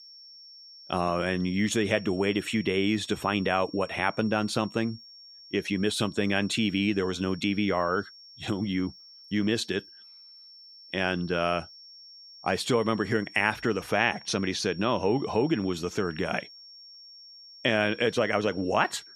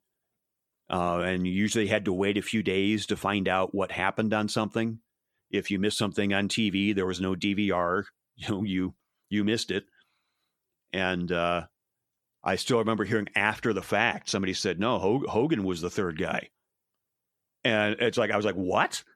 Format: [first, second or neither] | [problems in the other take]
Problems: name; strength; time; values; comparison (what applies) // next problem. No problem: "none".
second | high-pitched whine; noticeable; throughout; 5.5 kHz, 20 dB below the speech